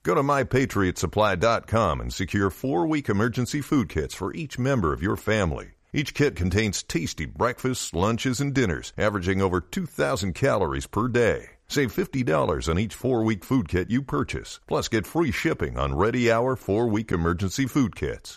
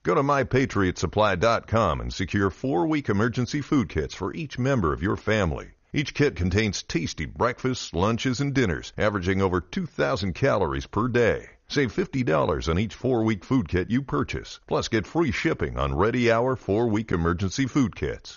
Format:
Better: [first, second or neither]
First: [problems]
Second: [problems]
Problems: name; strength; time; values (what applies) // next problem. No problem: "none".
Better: first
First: none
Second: garbled, watery; slightly; nothing above 6.5 kHz